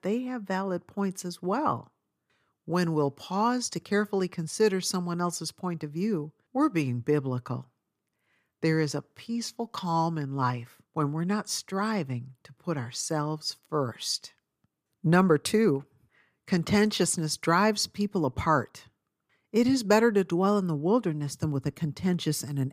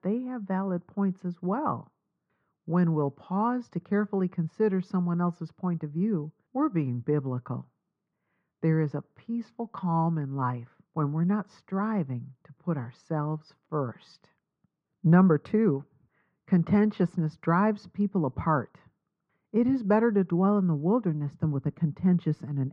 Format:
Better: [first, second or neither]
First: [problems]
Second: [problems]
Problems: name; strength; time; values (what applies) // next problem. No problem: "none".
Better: first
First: none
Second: muffled; very; fading above 1.5 kHz